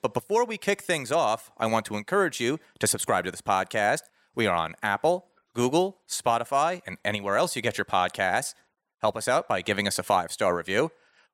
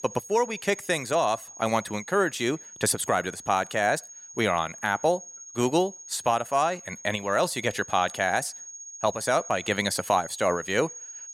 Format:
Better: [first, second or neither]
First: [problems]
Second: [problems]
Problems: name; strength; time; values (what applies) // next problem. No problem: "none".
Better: first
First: none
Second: high-pitched whine; noticeable; throughout; 6.5 kHz, 15 dB below the speech